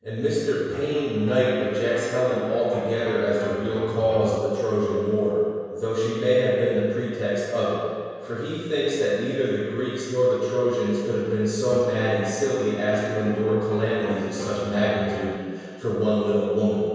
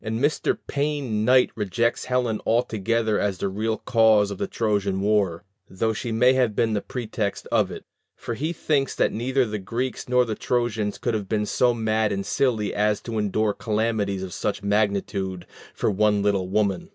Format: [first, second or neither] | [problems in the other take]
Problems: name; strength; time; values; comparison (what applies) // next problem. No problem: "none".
second | background sound (Piano); 14 dB below the speech // room echo; dies away in 1.9 s